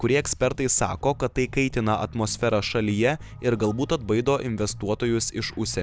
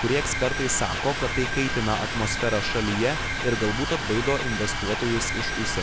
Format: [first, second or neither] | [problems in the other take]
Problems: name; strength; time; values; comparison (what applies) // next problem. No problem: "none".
first | background sound (Mechanisms); 2 dB below the speech